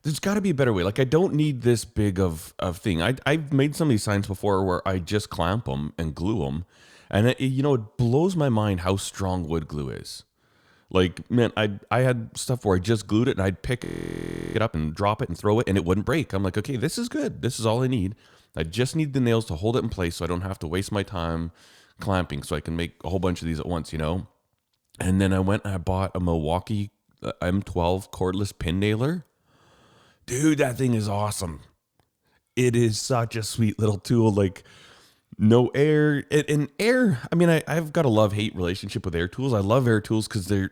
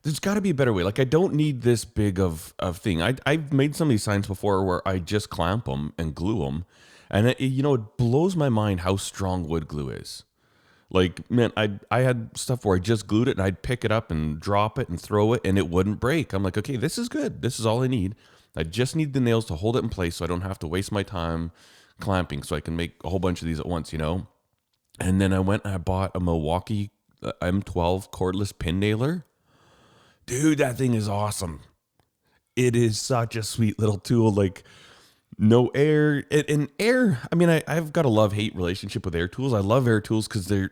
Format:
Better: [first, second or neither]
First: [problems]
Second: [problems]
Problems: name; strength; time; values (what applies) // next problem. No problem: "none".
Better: second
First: audio freezing; at 14 s for 0.5 s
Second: none